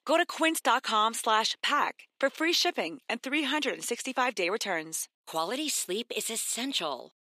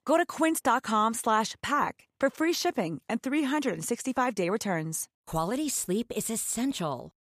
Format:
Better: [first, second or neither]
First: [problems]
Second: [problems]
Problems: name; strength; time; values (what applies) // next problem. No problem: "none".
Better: second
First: thin; very slightly; fading below 300 Hz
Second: none